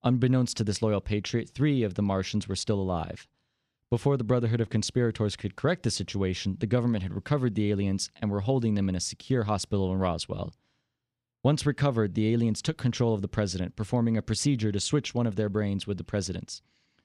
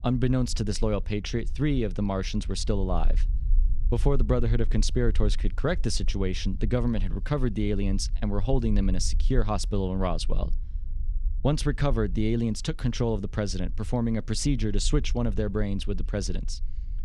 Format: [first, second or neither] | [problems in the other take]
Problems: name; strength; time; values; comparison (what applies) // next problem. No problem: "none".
first | low rumble; faint; throughout; 25 dB below the speech